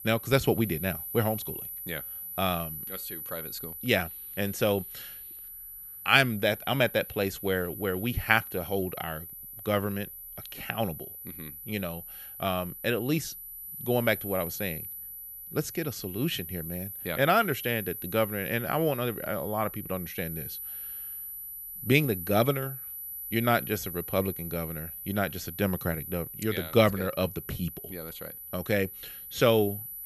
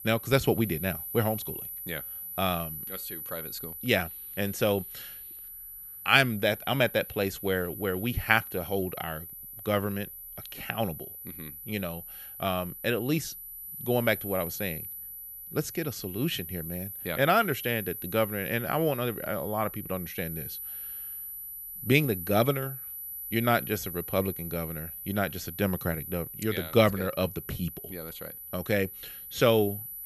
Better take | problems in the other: neither | high-pitched whine; loud; throughout; 12 kHz, 9 dB below the speech; the same in both

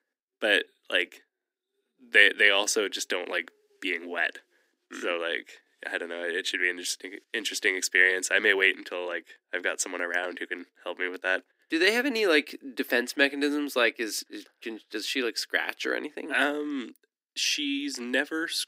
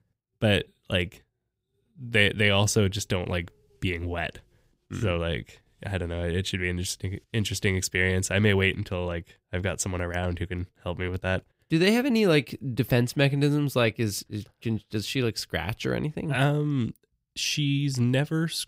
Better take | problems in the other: second | thin; somewhat; fading below 250 Hz

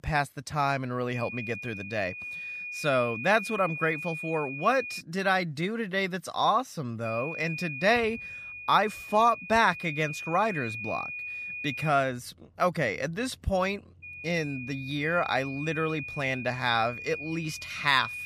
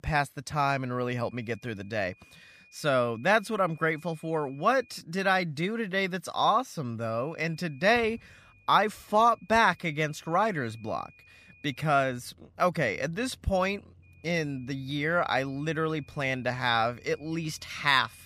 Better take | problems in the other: second | high-pitched whine; loud; from 1 to 5 s, from 7 to 12 s and from 14 s on; 2.5 kHz, 8 dB below the speech; faint in the second

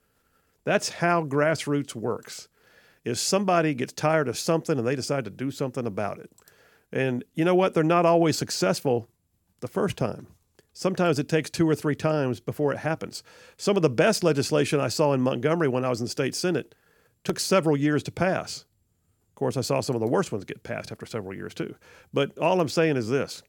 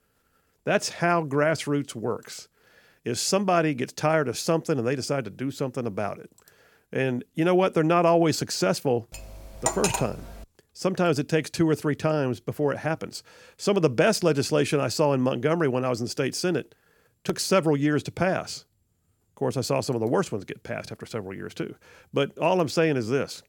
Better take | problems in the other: first | clattering dishes; noticeable; at 9 s; peak 1 dB below the speech

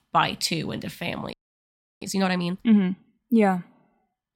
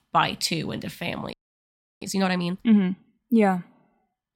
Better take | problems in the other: neither | audio freezing; at 1.5 s for 0.5 s; the same in both

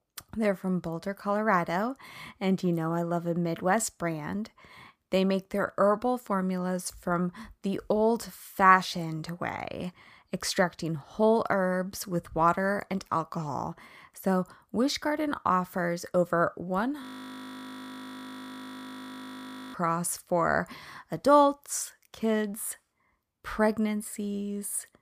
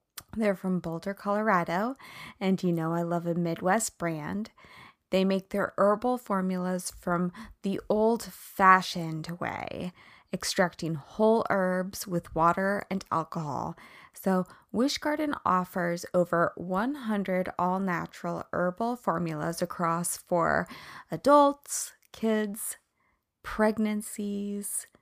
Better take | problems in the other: second | audio freezing; at 17 s for 2.5 s

